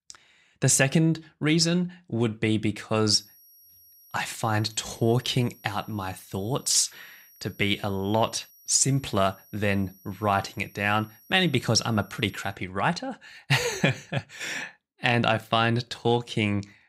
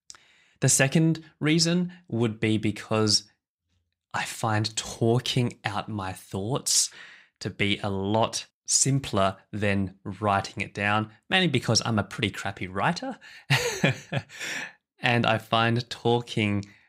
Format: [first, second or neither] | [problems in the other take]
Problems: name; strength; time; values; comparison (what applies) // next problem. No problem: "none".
second | high-pitched whine; faint; from 3 to 13 s; 11.5 kHz, 25 dB below the speech